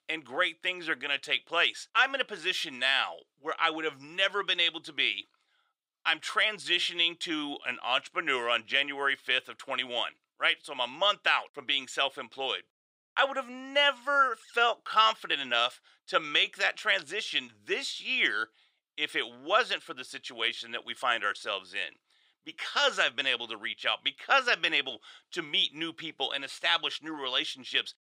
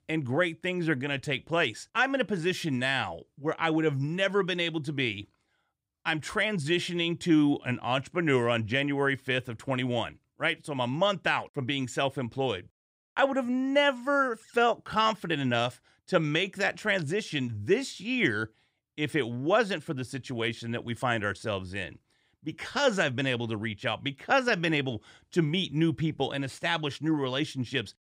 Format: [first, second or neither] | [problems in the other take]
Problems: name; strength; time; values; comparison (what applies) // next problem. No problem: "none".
second | thin; very; fading below 550 Hz